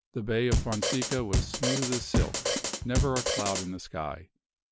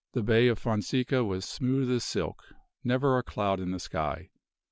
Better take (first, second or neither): second